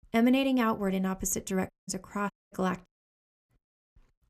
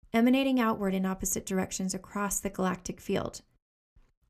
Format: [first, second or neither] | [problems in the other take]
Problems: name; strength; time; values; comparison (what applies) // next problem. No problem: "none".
second | audio cutting out; at 1.5 s, at 2.5 s and at 3 s for 0.5 s